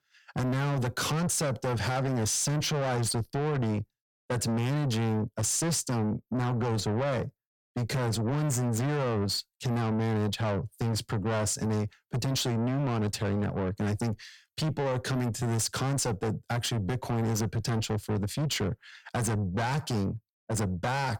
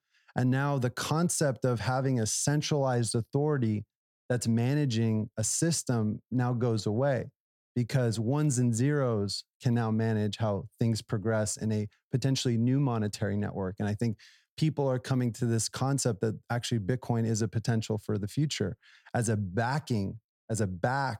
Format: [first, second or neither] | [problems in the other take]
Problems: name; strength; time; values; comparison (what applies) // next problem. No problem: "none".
second | distortion; heavy; 6 dB below the speech